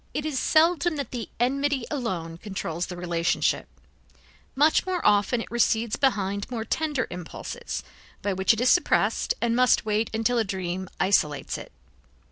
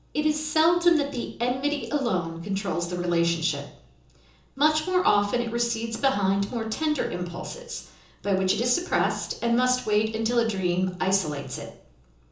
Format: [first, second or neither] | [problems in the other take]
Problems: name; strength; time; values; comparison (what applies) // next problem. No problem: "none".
first | room echo; dies away in 0.6 s